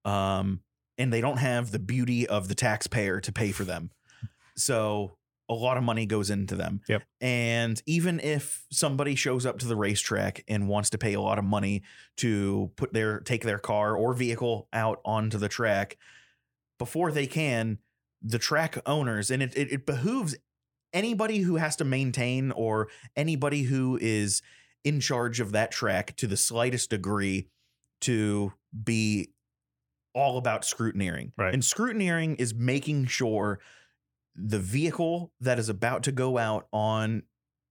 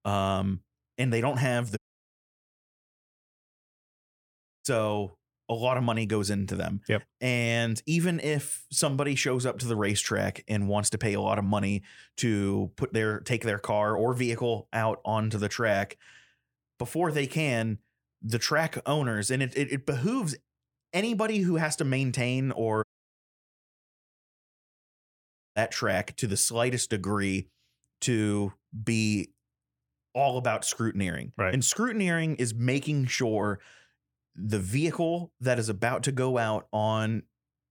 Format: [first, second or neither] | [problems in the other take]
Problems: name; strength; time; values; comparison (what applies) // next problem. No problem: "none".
first | audio cutting out; at 2 s for 3 s and at 23 s for 2.5 s